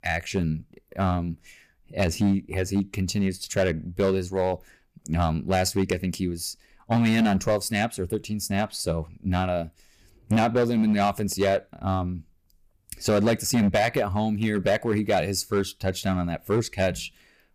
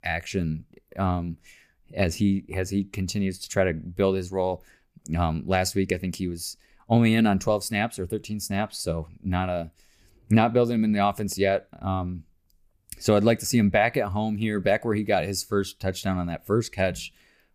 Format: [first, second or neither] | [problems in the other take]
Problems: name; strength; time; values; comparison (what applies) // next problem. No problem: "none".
second | distortion; slight; 6% of the sound clipped